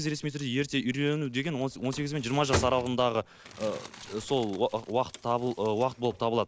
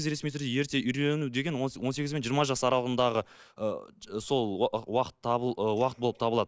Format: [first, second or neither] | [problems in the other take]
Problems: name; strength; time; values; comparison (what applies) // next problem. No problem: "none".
second | background sound (Crumpling, crinkling); 12 dB below the speech